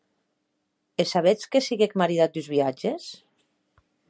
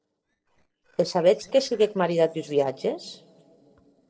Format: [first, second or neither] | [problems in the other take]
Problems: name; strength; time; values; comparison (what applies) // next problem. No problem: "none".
first | noise reduction (neural separator model SepFormer DNS4)